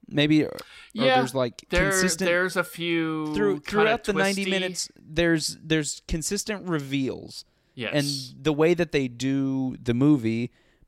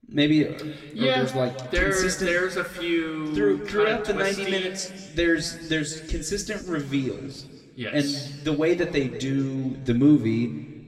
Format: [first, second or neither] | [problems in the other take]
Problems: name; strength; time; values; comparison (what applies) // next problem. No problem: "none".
first | room echo; slight; dies away in 1.9 s // off-mic speech; somewhat distant